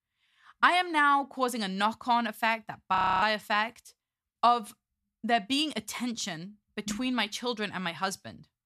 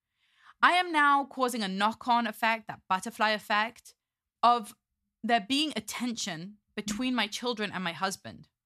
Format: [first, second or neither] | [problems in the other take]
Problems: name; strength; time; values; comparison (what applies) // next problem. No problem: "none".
second | audio freezing; at 3 s